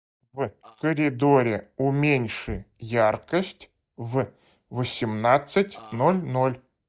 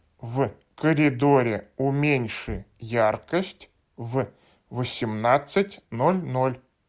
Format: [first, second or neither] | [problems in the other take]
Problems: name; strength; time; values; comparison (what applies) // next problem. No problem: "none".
second | noise reduction (neural mask model DeepFilterNet 3)